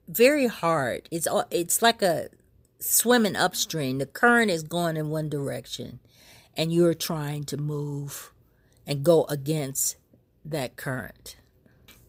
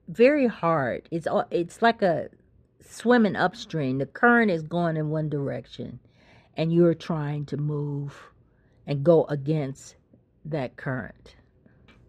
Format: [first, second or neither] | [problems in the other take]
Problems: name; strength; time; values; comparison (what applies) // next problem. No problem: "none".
first | muffled; very; fading above 2.5 kHz